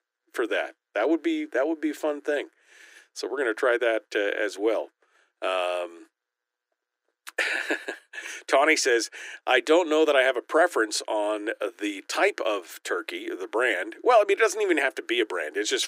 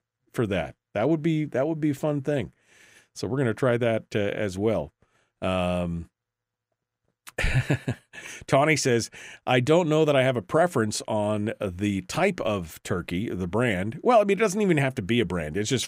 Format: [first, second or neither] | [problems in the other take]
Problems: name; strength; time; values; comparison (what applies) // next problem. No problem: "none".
second | thin; very; fading below 300 Hz